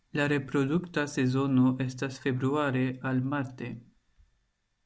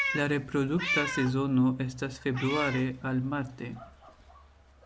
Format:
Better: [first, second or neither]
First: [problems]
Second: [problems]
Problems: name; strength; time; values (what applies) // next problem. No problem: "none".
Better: first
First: none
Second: background sound (Meow); 7 dB below the speech